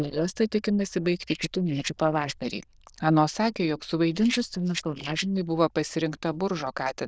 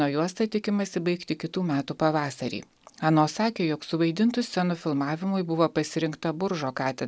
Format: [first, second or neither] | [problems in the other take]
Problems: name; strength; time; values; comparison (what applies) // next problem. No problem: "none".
second | noise reduction (neural diffusion model UNIVERSE++)